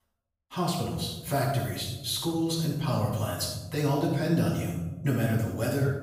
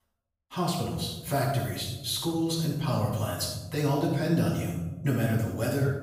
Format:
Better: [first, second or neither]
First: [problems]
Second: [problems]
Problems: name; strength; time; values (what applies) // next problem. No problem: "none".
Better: neither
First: room echo; noticeable; dies away in 1.4 s // off-mic speech; far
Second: room echo; noticeable; dies away in 1.4 s // off-mic speech; far